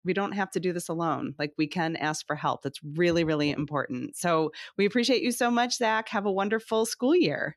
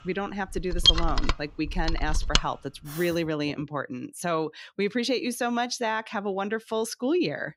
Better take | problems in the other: first | machinery noise; very loud; until 3 s; 4 dB above the speech

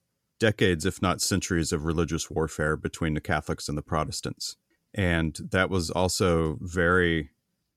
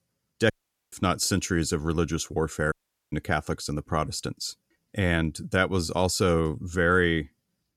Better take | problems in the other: first | audio cutting out; at 0.5 s and at 2.5 s

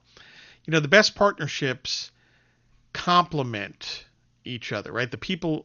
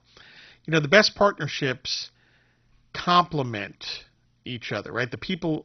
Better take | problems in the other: first | garbled, watery; badly; nothing above 6 kHz; slightly in the first

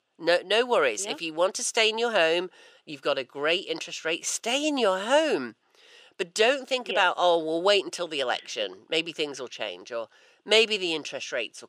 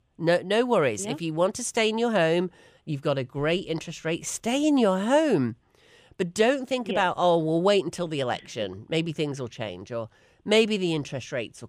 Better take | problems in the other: second | thin; somewhat; fading below 450 Hz

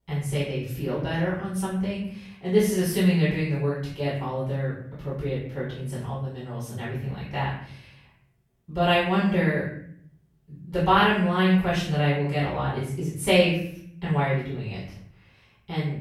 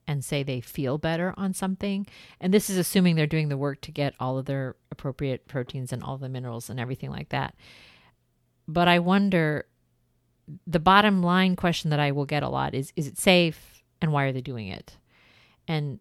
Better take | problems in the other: second | off-mic speech; far // room echo; noticeable; dies away in 0.6 s

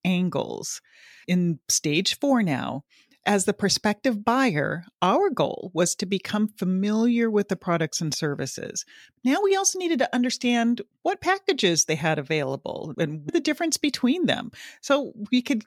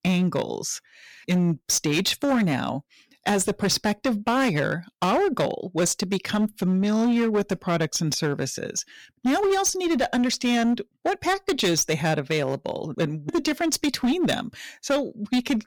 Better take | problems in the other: first | distortion; slight; 13% of the sound clipped

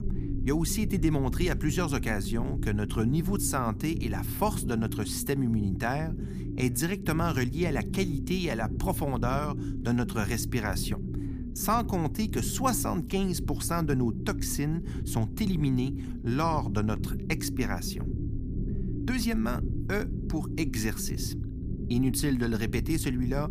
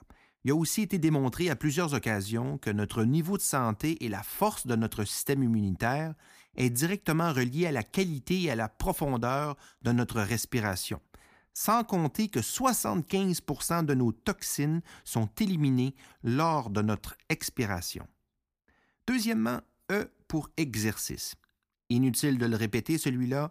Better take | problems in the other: second | low rumble; noticeable; throughout; 10 dB below the speech

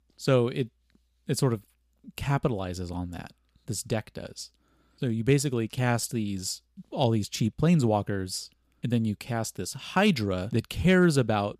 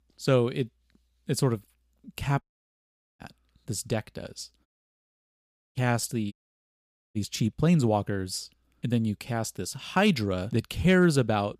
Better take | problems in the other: first | audio cutting out; at 2.5 s for 1 s, at 4.5 s for 1 s and at 6.5 s for 1 s

